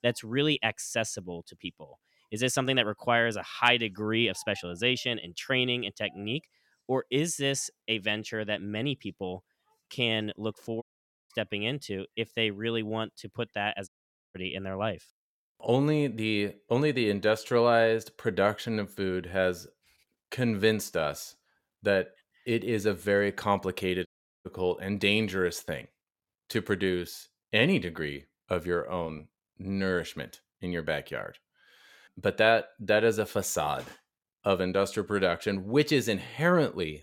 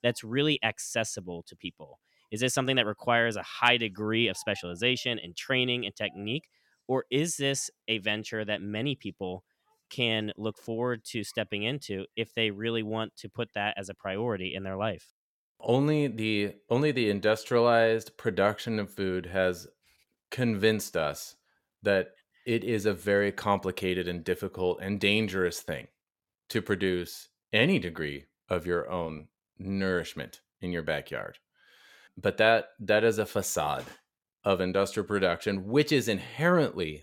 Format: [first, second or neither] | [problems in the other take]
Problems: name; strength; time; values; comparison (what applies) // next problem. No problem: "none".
second | audio cutting out; at 11 s, at 14 s and at 24 s